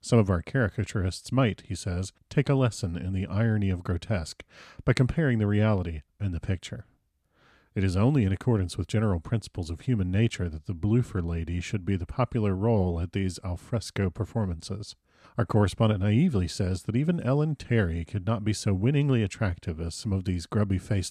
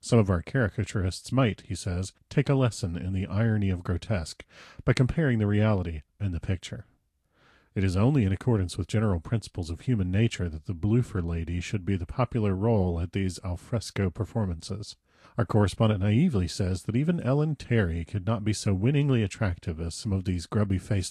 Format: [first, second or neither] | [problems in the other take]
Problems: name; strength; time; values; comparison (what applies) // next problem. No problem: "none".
first | garbled, watery; slightly